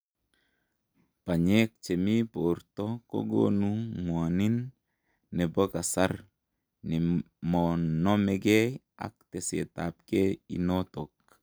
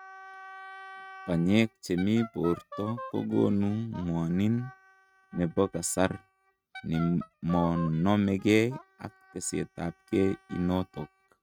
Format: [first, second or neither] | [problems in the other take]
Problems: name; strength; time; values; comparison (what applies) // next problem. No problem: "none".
first | noise reduction (neural mask model RNNoise)